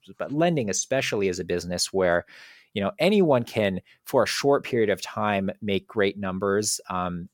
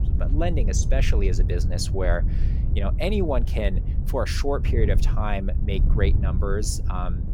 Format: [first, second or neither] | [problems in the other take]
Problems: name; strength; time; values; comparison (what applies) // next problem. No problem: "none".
first | wind noise on the microphone; occasional gusts; 10 dB below the speech